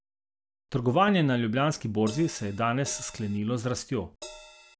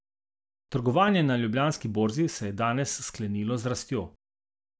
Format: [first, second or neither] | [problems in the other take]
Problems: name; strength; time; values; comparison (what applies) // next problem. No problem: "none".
second | background sound (Crash cymbal); 17 dB below the speech